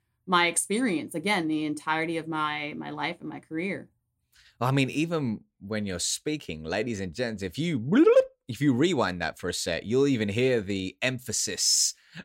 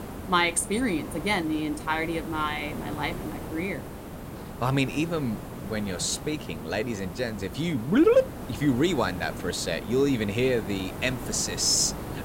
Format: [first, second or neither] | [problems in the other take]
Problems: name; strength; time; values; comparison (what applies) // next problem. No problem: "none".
first | hiss; noticeable; throughout; 10 dB below the speech